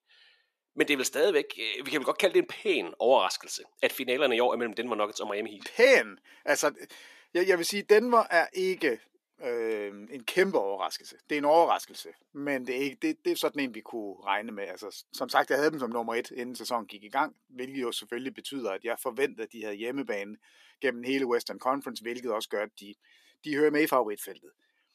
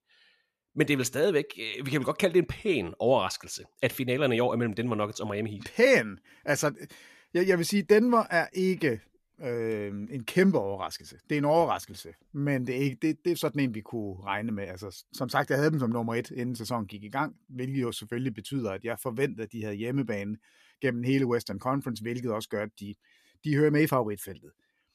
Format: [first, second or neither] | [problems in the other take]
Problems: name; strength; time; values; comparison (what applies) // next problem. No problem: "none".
second | thin; somewhat; fading below 300 Hz